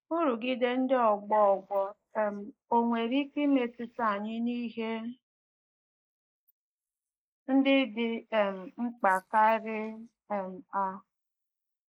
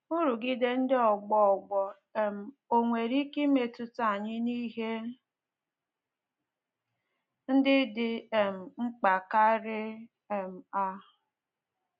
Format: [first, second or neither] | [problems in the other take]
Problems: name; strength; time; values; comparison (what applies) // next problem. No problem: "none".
second | noise reduction (neural mask model Resemble Enhance denoiser)